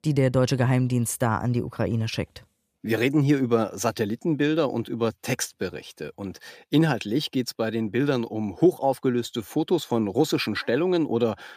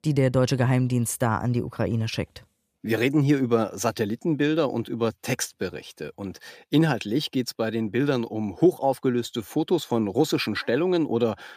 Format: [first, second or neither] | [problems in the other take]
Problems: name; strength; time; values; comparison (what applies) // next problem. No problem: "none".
neither | none